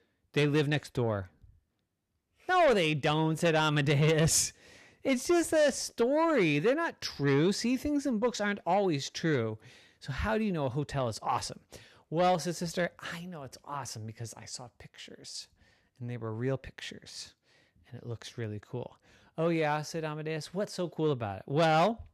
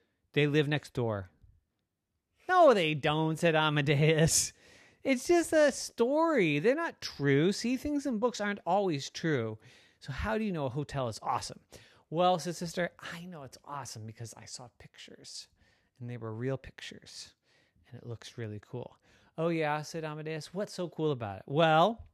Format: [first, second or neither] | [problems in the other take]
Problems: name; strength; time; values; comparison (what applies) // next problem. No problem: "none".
second | distortion; slight; 10 dB below the speech